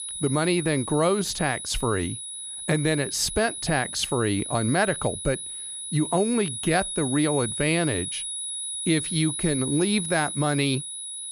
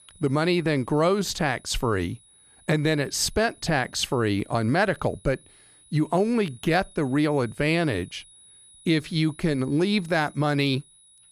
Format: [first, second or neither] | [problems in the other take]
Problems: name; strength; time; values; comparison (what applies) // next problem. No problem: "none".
second | high-pitched whine; loud; throughout; 10 kHz, 5 dB below the speech; faint in the second